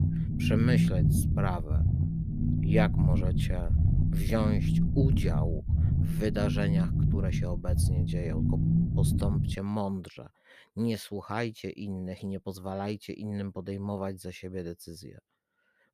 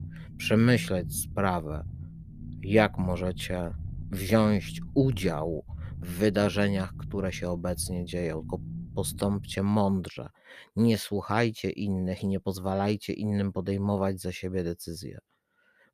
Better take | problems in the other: second | low rumble; loud; until 9.5 s; 2 dB below the speech; faint in the second

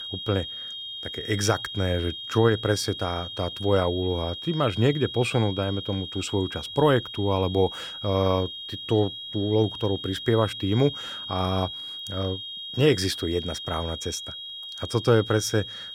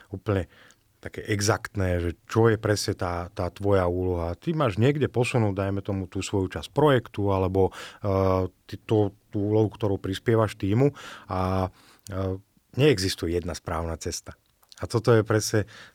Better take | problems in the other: second | high-pitched whine; loud; throughout; 3 kHz, 8 dB below the speech

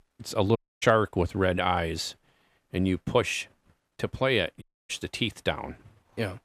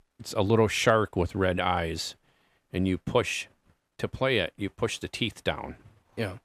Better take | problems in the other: second | audio cutting out; at 0.5 s and at 4.5 s

